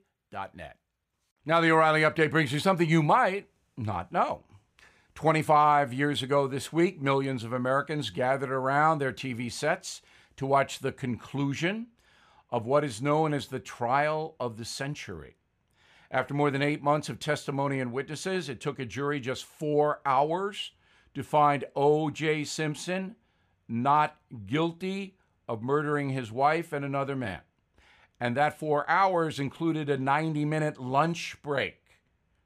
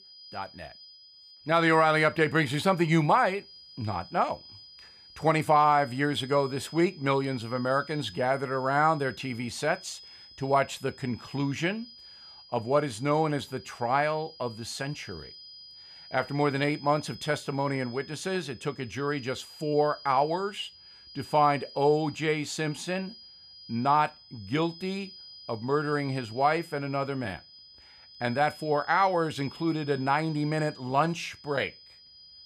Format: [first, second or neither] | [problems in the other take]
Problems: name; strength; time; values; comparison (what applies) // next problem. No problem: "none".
first | high-pitched whine; noticeable; throughout; 5 kHz, 20 dB below the speech